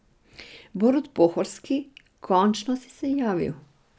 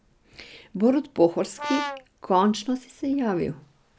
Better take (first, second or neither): first